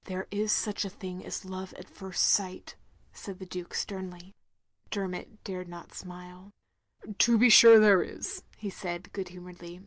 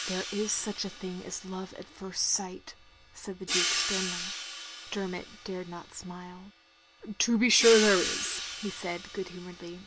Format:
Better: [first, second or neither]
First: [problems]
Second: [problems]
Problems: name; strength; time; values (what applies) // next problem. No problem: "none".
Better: first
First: none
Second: background sound (Hi-hat); 5 dB below the speech